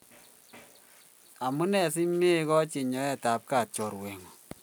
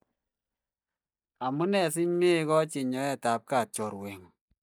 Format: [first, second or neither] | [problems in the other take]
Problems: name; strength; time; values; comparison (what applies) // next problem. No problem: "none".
first | noise reduction (neural mask model DeepFilterNet 3)